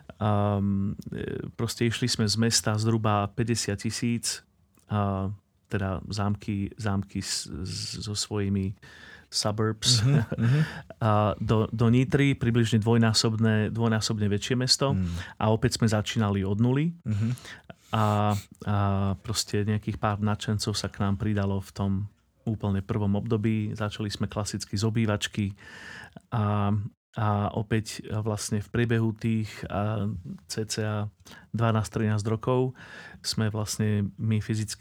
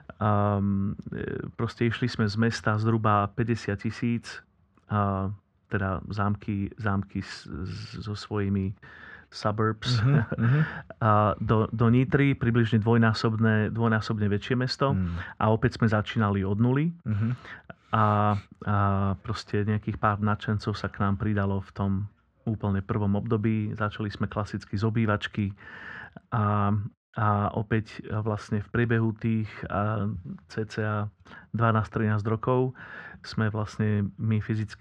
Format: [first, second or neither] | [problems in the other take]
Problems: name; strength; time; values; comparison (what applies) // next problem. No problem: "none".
first | muffled; slightly; fading above 2.5 kHz